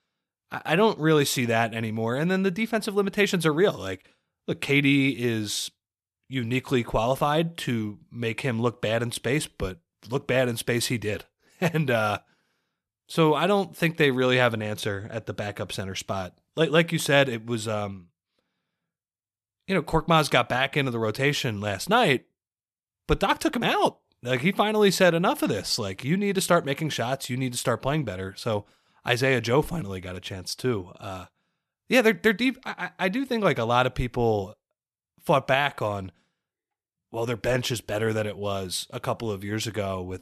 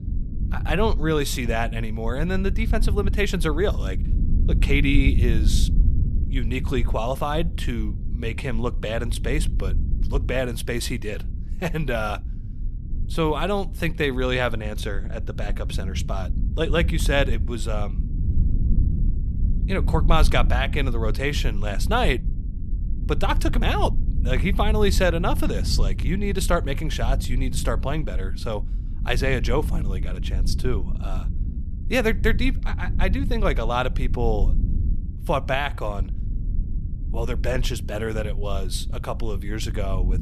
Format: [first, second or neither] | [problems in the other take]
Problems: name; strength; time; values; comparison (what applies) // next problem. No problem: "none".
first | low rumble; noticeable; throughout; 15 dB below the speech